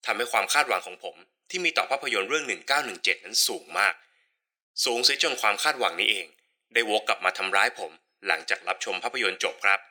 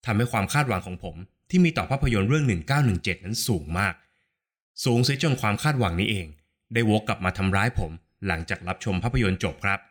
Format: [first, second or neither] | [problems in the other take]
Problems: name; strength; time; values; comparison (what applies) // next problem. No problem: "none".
second | thin; very; fading below 450 Hz